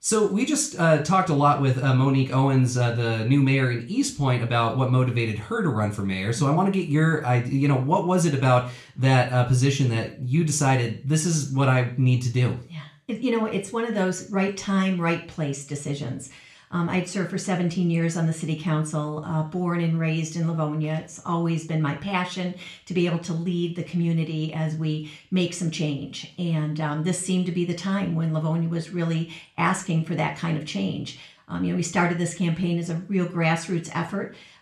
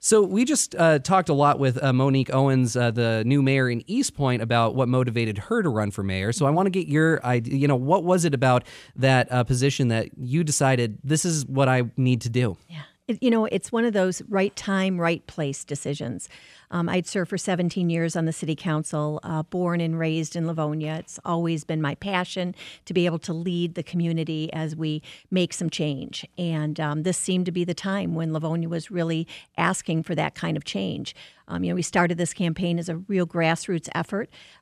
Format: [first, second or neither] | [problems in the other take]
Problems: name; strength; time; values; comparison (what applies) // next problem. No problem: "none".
second | room echo; very slight; dies away in 0.4 s // off-mic speech; somewhat distant